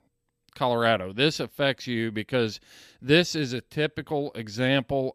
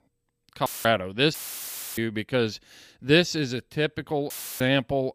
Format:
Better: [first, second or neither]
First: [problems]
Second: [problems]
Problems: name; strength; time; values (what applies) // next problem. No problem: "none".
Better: first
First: none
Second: audio cutting out; filled with static; at 0.5 s, at 1.5 s for 0.5 s and at 4.5 s